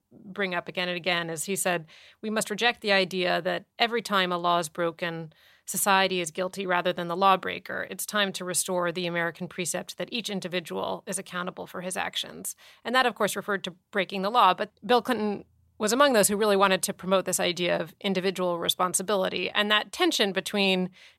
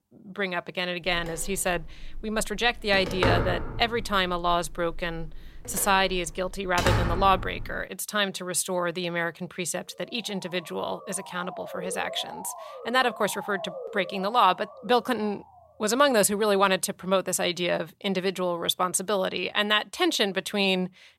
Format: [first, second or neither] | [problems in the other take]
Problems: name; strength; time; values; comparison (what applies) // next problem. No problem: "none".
first | phone ringing; loud; from 1 to 8 s; peak 1 dB above the speech // siren; noticeable; from 10 to 16 s; peak 10 dB below the speech